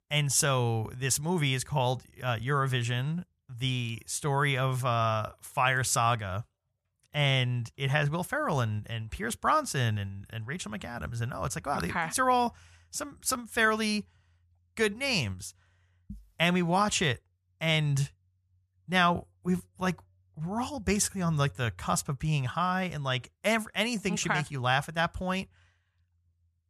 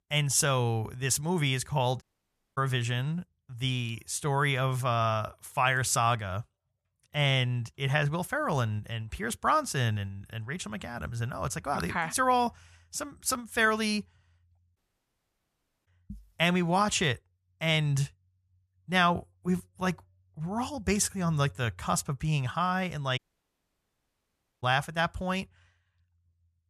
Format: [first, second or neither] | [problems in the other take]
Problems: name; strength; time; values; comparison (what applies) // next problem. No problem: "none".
first | audio cutting out; at 2 s for 0.5 s, at 15 s for 1 s and at 23 s for 1.5 s